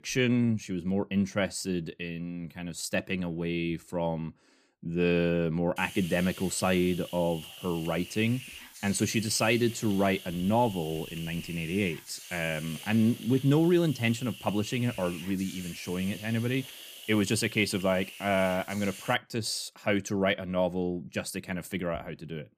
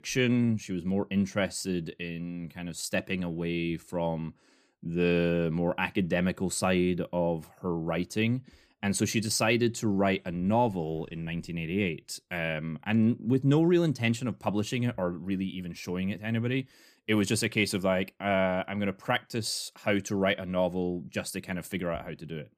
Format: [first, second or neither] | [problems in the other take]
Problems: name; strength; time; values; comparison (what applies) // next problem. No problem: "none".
second | hiss; noticeable; from 6 to 19 s; 15 dB below the speech